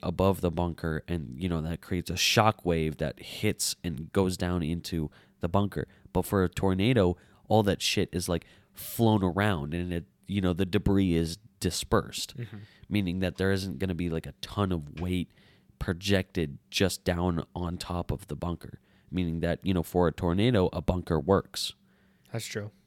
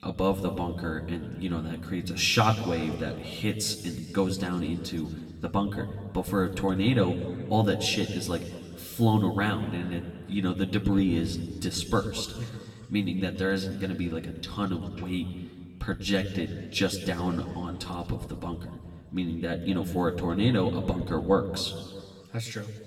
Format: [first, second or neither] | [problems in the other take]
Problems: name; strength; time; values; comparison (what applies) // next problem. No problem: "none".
first | room echo; slight; dies away in 1.8 s // off-mic speech; somewhat distant